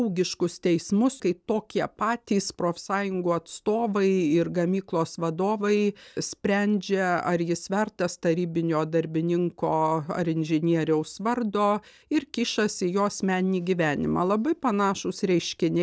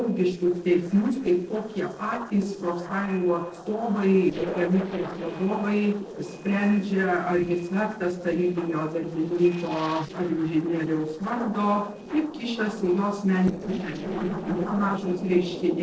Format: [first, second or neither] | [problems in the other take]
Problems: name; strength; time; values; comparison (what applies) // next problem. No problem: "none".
first | noise reduction (neural separator model SepFormer DNS4)